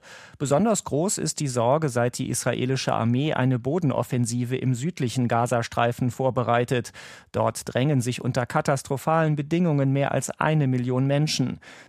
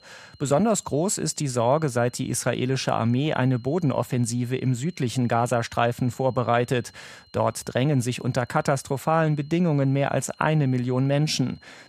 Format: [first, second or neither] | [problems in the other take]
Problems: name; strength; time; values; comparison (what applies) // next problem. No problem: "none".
first | high-pitched whine; faint; throughout; 4 kHz, 30 dB below the speech